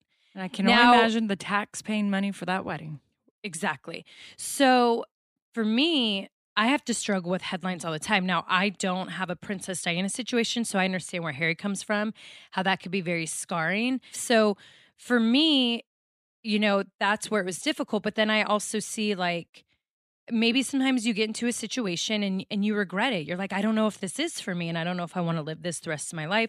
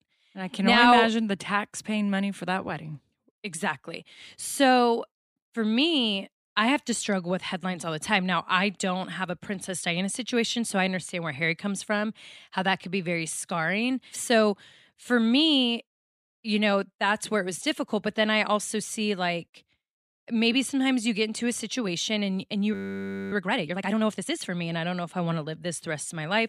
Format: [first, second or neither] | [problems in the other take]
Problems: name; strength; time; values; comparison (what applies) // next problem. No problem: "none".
first | audio freezing; at 23 s for 0.5 s